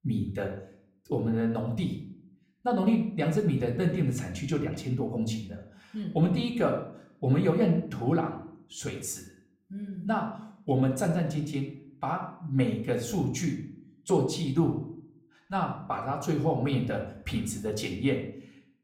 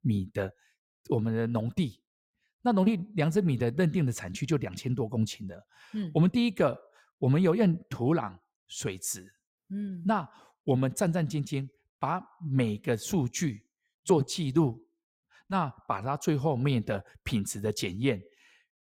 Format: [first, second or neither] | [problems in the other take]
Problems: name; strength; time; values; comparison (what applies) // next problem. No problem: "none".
second | room echo; slight; dies away in 0.5 s // off-mic speech; somewhat distant